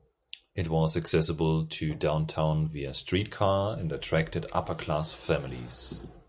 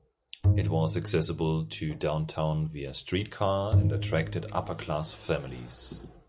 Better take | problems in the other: first | background sound (Bowed string instrument); as loud as the speech

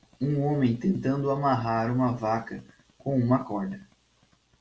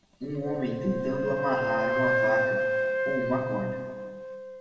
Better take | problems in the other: first | background sound (Wind instrument, woodwind instrument); 3 dB above the speech // room echo; dies away in 1.5 s

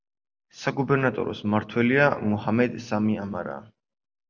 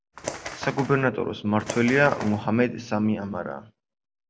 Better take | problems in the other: first | background sound (Bird); 10 dB below the speech

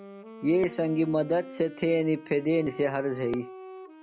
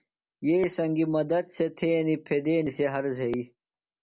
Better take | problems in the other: second | background sound (Wind instrument, woodwind instrument); 16 dB below the speech

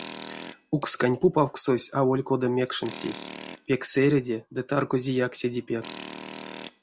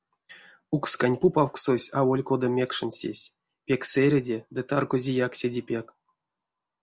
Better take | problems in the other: second | background sound (Tools); 17 dB below the speech

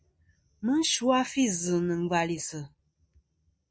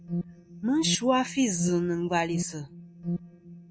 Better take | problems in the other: first | background sound (Alarm); 7 dB below the speech

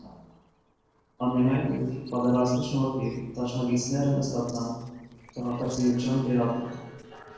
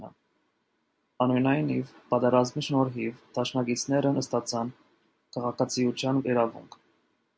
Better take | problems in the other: second | noise reduction (neural separator model SepFormer DNS4)

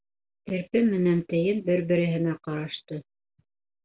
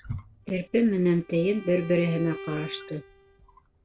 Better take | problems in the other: first | background sound (Bowed string instrument + Wild animals); 15 dB below the speech

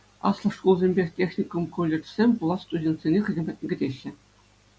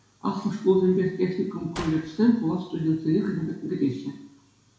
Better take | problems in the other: first | background sound (Gunshot, gunfire); 20 dB below the speech // room echo; dies away in 0.6 s

